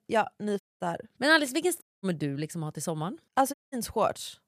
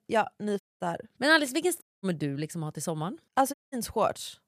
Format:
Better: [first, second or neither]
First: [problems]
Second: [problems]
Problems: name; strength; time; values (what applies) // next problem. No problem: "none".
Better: neither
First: audio cutting out; at 0.5 s, at 2 s and at 3.5 s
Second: audio cutting out; at 0.5 s, at 2 s and at 3.5 s